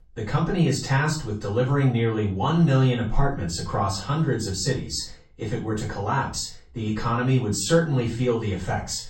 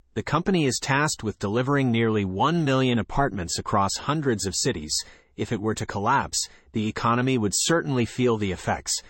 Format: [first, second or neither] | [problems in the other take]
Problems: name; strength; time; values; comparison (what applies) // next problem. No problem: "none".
second | off-mic speech; far // room echo; slight; dies away in 0.3 s